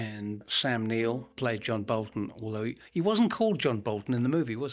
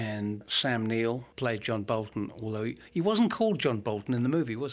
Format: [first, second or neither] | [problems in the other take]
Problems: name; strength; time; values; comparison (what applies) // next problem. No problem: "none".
second | noise reduction (neural mask model DeepFilterNet 3)